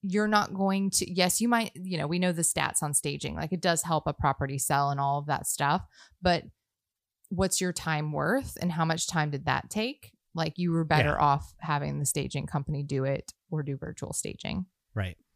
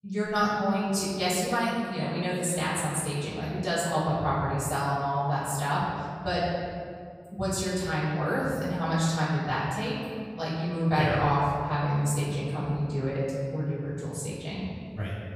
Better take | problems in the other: first | room echo; strong; dies away in 2 s // off-mic speech; far

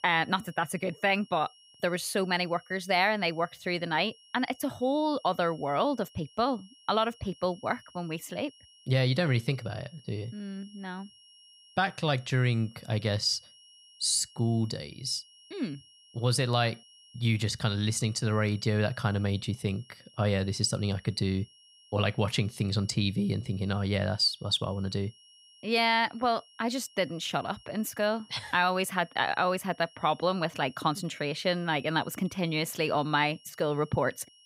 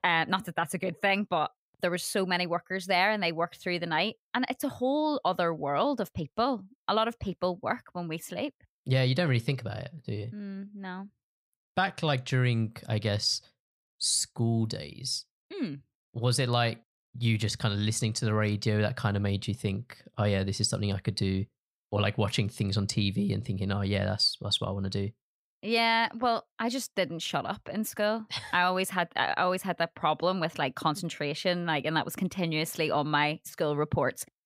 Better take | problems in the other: second | high-pitched whine; faint; throughout; 3 kHz, 25 dB below the speech

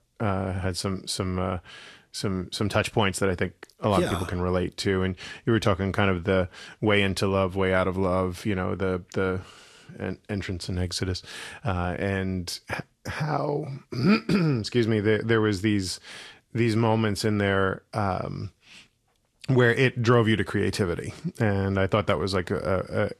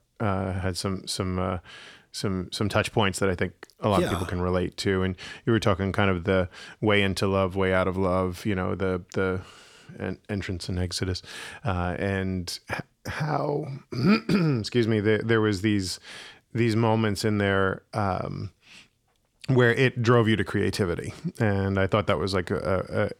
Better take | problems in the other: second | garbled, watery; slightly

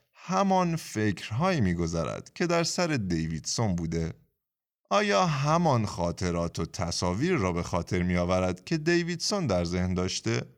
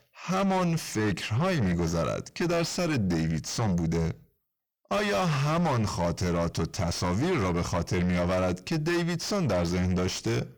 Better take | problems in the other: first | distortion; heavy; 6 dB below the speech

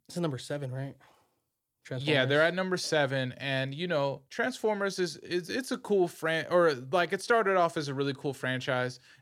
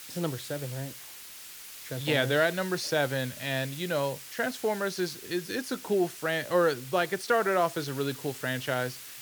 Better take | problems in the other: first | hiss; noticeable; throughout; 10 dB below the speech

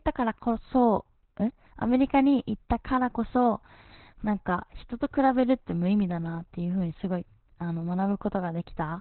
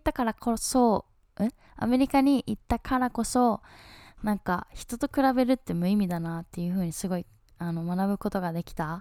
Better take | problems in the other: second | garbled, watery; badly; nothing above 4 kHz

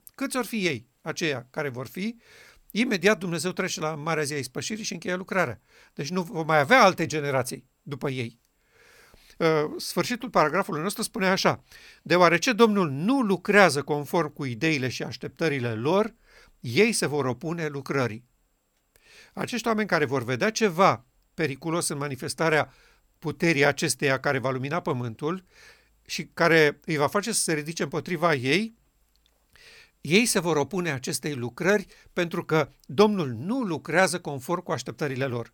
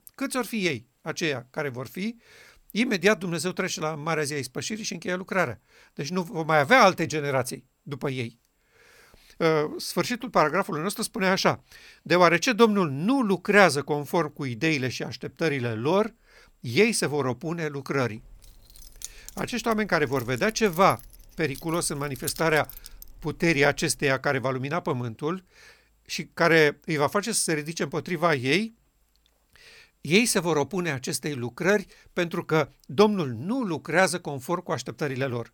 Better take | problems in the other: first | jangling keys; noticeable; from 18 to 24 s; peak 9 dB below the speech

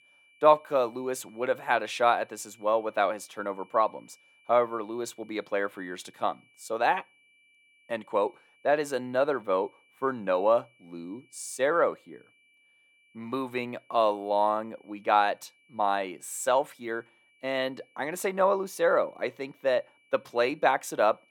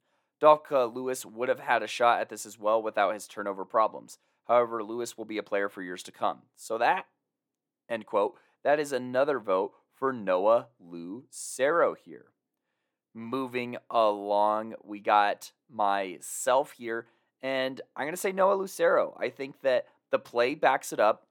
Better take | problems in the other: second | high-pitched whine; faint; throughout; 2.5 kHz, 35 dB below the speech

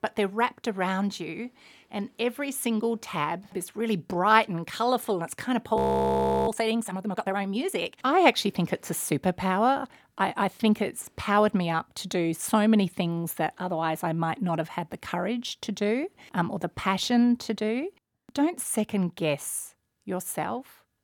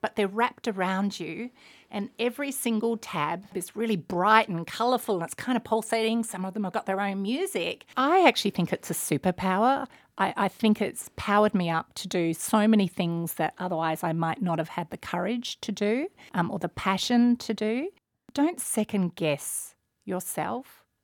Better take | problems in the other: second | audio freezing; at 6 s for 0.5 s

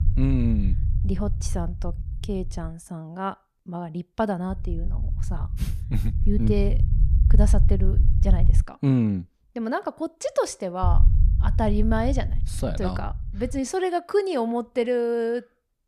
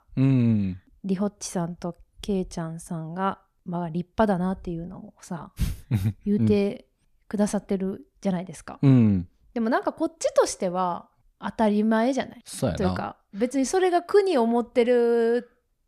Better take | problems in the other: second | low rumble; noticeable; until 2.5 s, from 4.5 to 8.5 s and from 11 to 14 s; 15 dB below the speech

